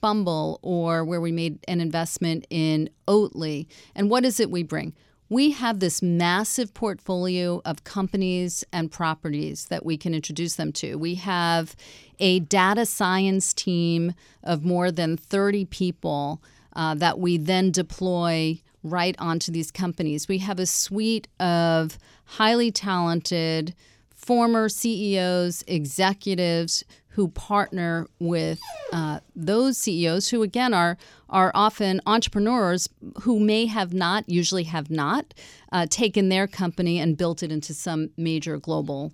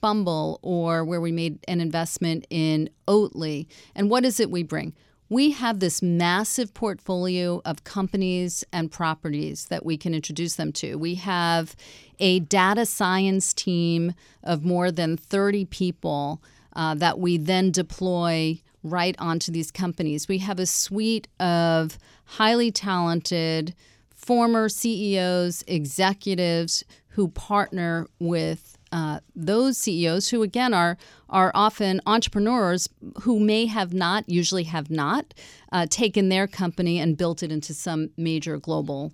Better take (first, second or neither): second